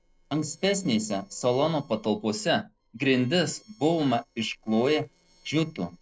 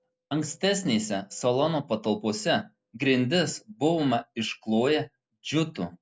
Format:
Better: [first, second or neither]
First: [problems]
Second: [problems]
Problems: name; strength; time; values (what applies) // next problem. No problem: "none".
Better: second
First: noise reduction (neural separator model SepFormer DNS4)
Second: none